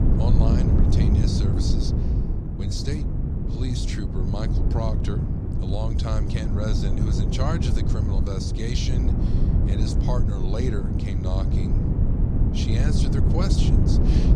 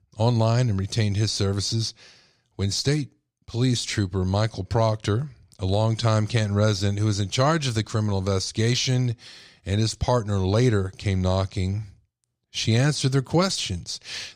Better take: second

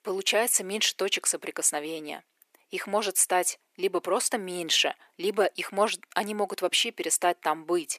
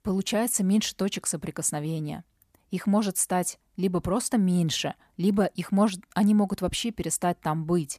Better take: second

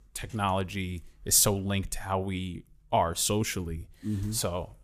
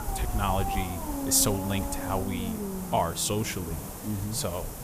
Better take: first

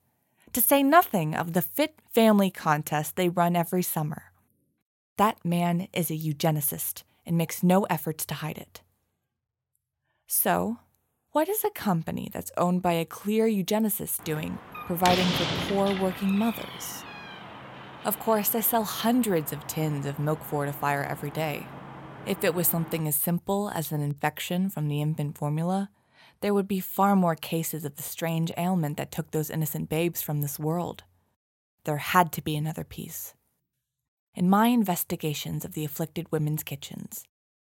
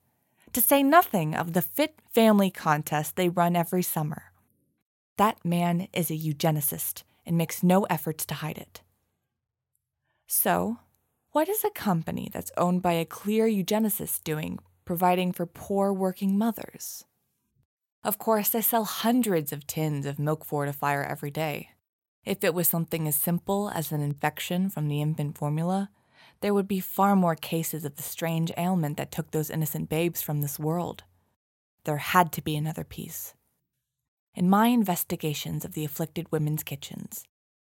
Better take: second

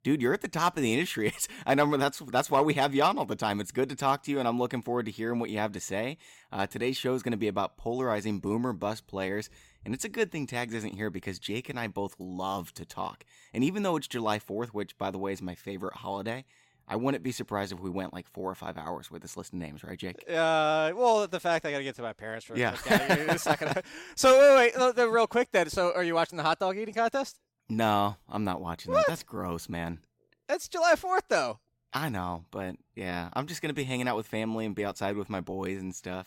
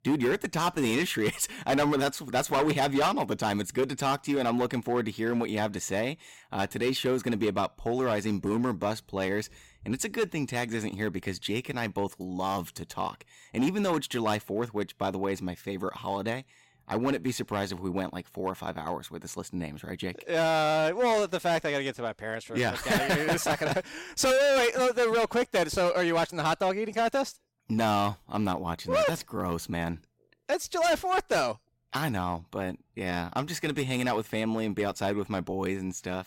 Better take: first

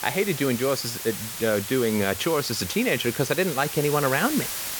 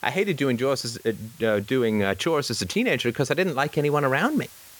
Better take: second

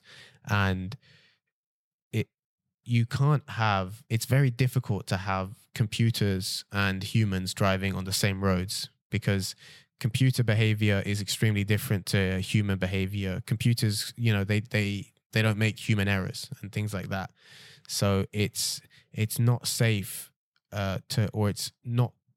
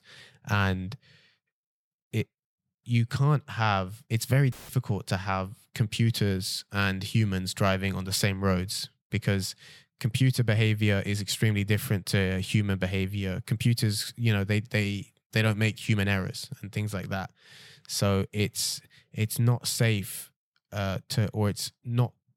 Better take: first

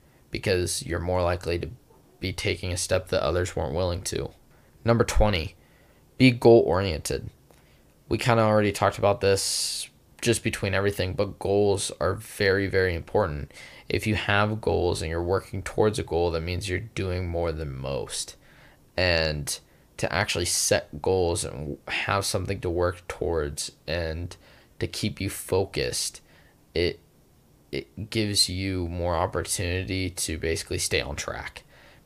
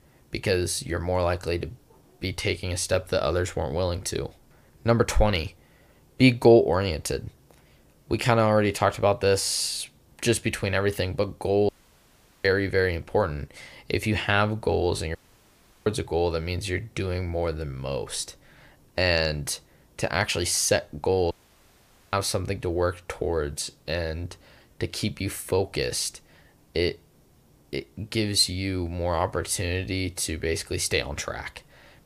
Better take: first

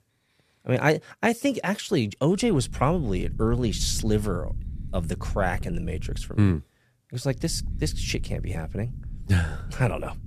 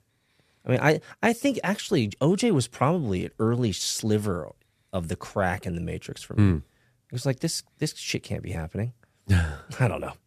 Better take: second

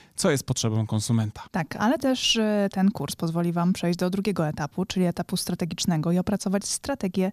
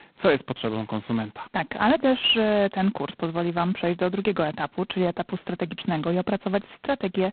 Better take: first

